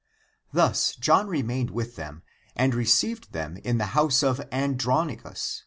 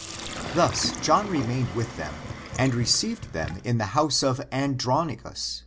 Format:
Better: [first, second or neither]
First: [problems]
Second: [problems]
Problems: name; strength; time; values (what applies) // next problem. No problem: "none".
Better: first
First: none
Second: background sound (Sink (filling or washing)); 11 dB below the speech